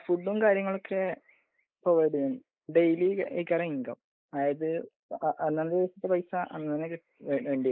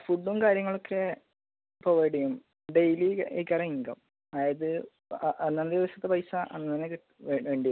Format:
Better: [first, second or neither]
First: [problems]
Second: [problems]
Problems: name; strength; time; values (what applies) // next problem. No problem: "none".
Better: second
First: noise reduction (neural mask model Resemble Enhance denoiser)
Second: none